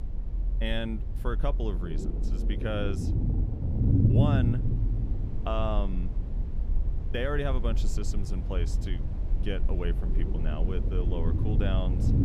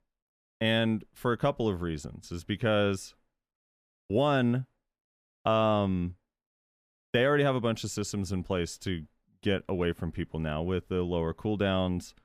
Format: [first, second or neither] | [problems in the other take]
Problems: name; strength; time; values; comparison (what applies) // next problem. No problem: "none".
second | low rumble; loud; throughout; 5 dB below the speech